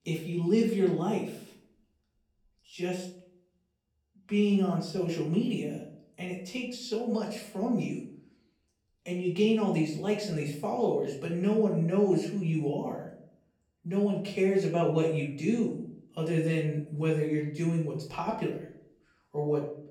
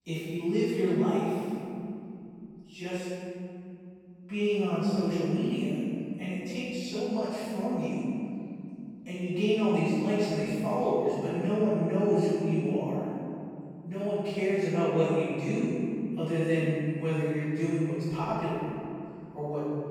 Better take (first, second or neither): first